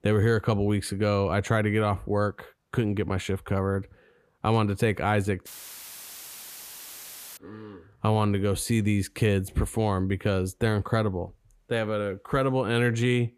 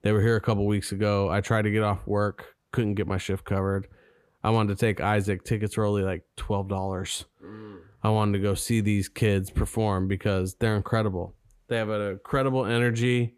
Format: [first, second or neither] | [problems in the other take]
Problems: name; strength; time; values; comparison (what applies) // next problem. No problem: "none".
second | audio cutting out; filled with static; at 5.5 s for 2 s